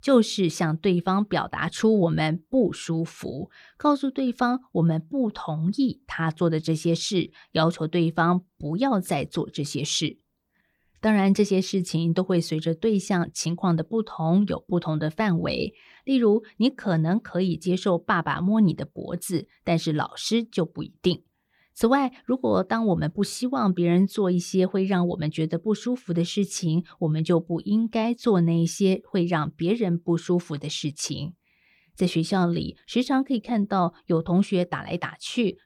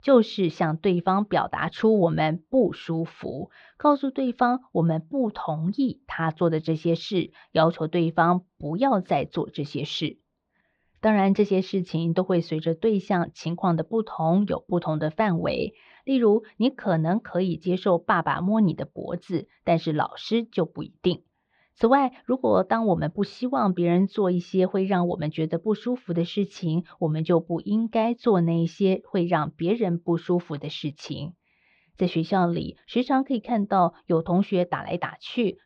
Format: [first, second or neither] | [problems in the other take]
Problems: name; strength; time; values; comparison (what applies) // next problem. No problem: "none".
first | muffled; slightly; fading above 4 kHz